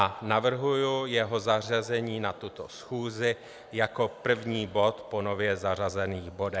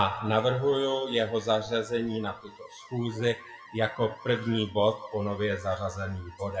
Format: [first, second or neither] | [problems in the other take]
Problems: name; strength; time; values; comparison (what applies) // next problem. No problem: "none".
first | noise reduction (classical method WPE with log-MMSE)